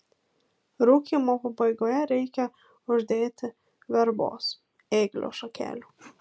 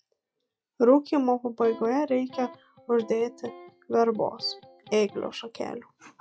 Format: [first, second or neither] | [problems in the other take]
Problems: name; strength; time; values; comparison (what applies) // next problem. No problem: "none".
first | noise reduction (classical method log-MMSE)